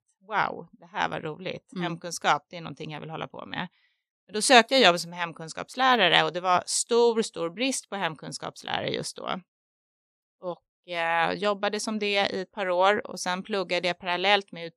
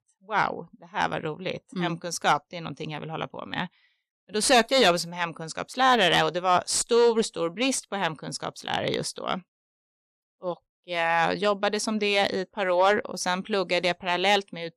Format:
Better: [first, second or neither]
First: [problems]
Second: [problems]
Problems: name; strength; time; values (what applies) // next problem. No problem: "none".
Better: first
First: none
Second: distortion; slight; 10 dB below the speech